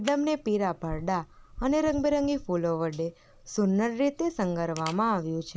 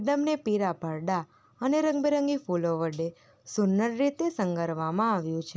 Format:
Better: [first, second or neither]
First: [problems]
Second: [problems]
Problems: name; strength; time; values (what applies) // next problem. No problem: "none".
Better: second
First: background sound (Camera); 17 dB below the speech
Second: none